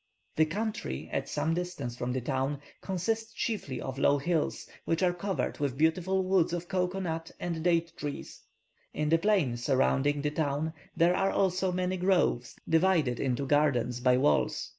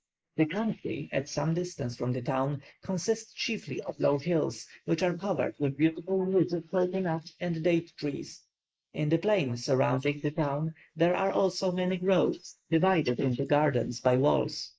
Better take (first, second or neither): first